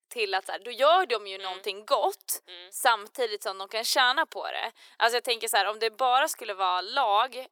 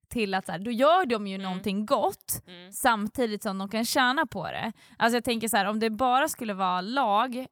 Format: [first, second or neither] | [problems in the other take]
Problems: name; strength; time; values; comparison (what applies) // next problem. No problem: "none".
second | thin; very; fading below 350 Hz